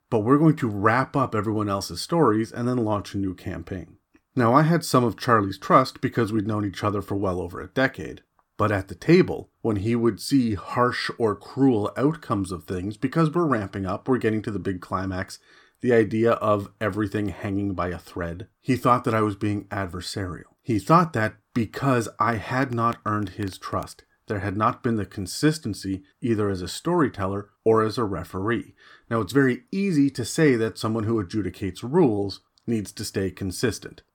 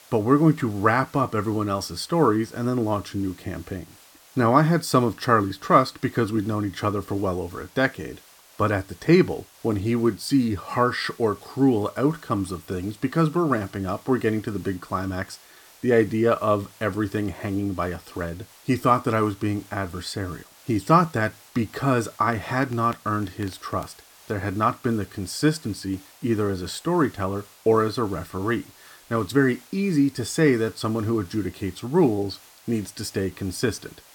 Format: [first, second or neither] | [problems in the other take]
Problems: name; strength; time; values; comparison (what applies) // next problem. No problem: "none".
first | hiss; faint; throughout; 25 dB below the speech